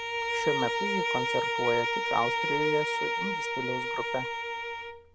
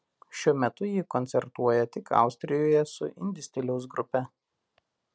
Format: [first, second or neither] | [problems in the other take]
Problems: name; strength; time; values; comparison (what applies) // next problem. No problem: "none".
second | background sound (Bowed string instrument); 3 dB above the speech